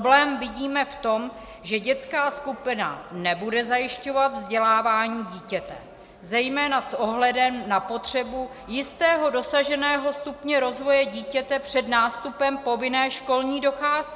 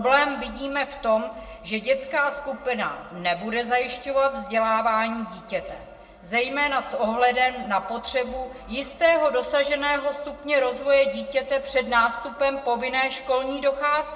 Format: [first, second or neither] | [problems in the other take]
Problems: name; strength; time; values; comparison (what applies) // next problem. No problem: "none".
first | room echo; dies away in 0.6 s